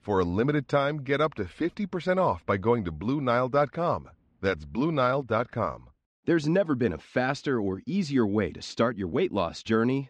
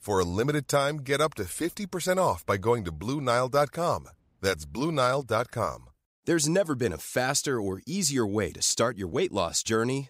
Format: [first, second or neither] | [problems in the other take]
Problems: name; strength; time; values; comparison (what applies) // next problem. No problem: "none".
second | muffled; slightly; fading above 3.5 kHz